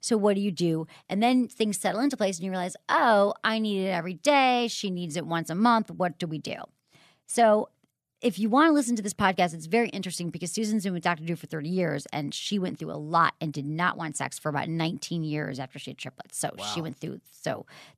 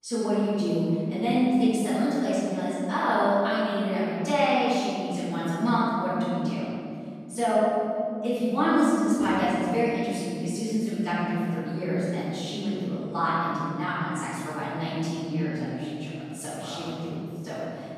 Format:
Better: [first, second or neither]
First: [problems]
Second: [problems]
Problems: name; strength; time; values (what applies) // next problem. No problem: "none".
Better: first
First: none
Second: off-mic speech; far // room echo; strong; dies away in 2.9 s